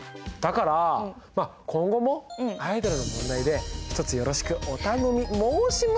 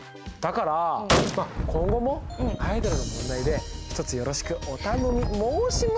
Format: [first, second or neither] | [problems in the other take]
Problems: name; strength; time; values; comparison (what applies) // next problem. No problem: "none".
first | background sound (Wind + Gunshot, gunfire); as loud as the speech